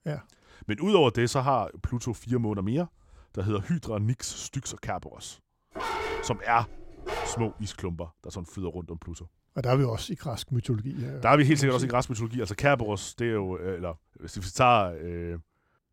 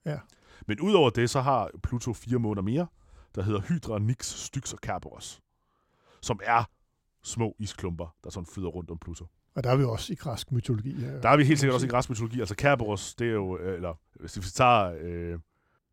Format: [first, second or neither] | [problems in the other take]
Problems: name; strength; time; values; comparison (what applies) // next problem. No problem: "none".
second | dog barking; noticeable; from 6 to 7.5 s; peak 3 dB below the speech